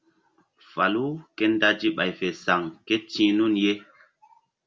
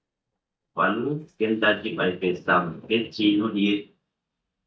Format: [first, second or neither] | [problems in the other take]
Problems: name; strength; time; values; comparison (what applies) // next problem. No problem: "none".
first | noise reduction (neural mask model DeepFilterNet 3)